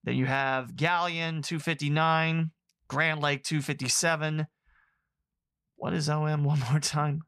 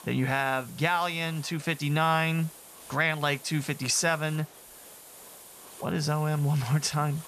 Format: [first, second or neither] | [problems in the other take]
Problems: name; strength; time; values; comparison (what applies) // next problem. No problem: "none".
first | hiss; noticeable; throughout; 20 dB below the speech